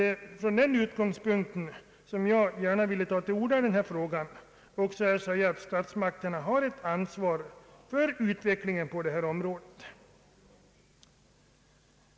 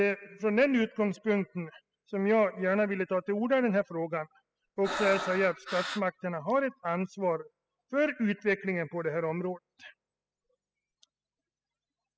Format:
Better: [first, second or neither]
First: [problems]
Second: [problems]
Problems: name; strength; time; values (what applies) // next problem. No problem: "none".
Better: first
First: none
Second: noise reduction (classical method spectral subtraction)